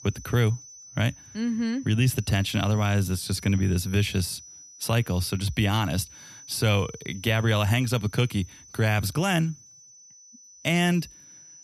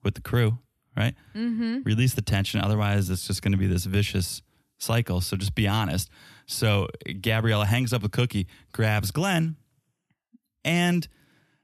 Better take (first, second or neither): second